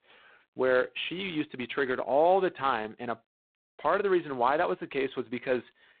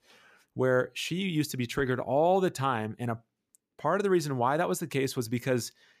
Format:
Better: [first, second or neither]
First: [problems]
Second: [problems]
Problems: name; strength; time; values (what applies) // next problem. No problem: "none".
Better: second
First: phone-call audio; poor line; nothing above 3.5 kHz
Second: none